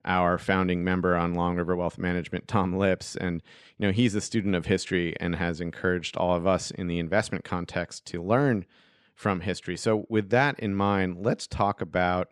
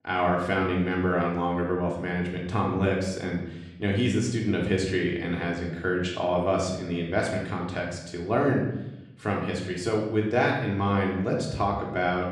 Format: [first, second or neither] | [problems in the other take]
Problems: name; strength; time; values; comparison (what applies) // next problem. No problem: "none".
first | room echo; noticeable; dies away in 0.8 s // off-mic speech; far